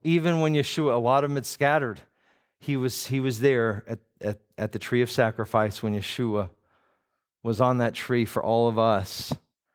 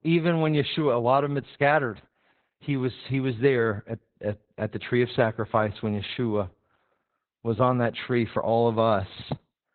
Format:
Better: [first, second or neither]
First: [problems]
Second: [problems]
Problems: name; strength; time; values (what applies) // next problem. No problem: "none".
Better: first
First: garbled, watery; slightly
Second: garbled, watery; badly; nothing above 4 kHz